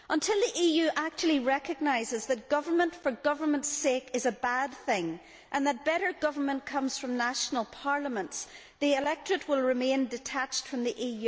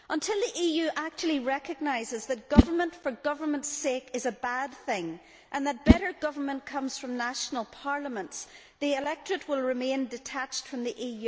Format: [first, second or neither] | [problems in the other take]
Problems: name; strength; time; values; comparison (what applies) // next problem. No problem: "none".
first | background sound (Whoosh, swoosh, swish); 3 dB above the speech